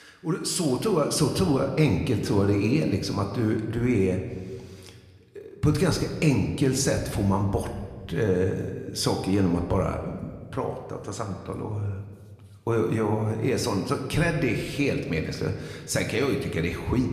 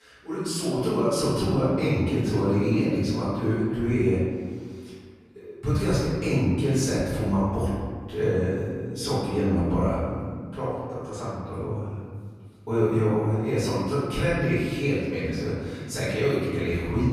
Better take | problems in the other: first | room echo; strong; dies away in 1.6 s; slight in the first // off-mic speech; far

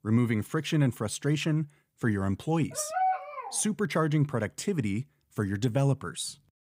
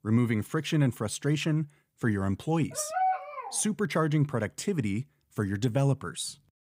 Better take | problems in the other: neither | dog barking; loud; at 3 s; peak 1 dB above the speech; the same in both

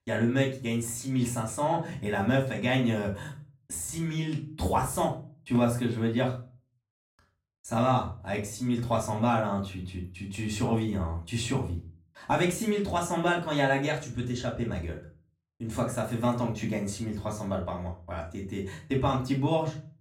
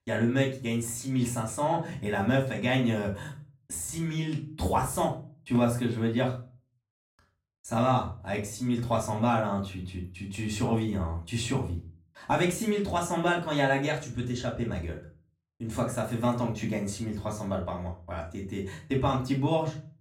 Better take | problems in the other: neither | room echo; slight; dies away in 0.3 s; the same in both // off-mic speech; far; the same in both

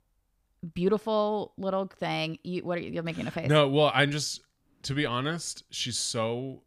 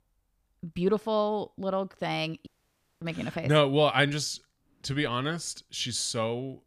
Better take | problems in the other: first | audio cutting out; at 2.5 s for 0.5 s

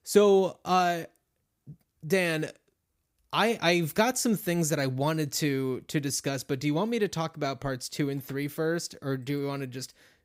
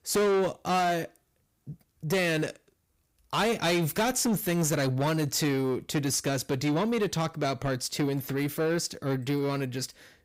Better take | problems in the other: first | distortion; heavy; 8 dB below the speech

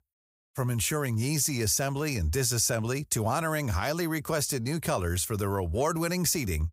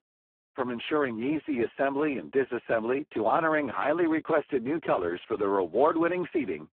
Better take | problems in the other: first | phone-call audio; poor line

